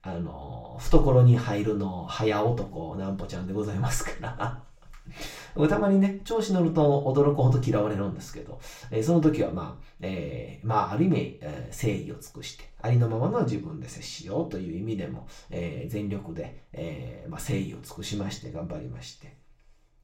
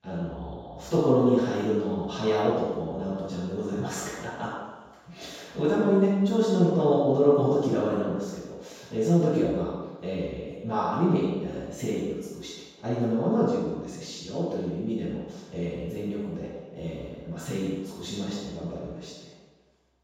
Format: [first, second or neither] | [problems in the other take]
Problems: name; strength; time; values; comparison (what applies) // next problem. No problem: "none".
first | room echo; strong; dies away in 1.2 s; slight in the first // off-mic speech; far; far in the first